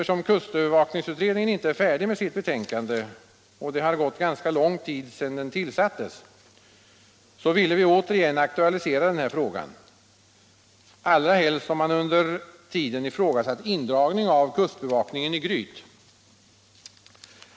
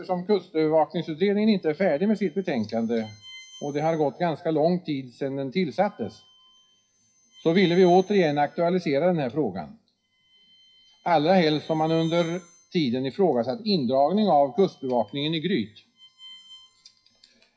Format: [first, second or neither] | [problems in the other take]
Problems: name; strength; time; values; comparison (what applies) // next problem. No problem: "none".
first | noise reduction (classical method WPE with log-MMSE)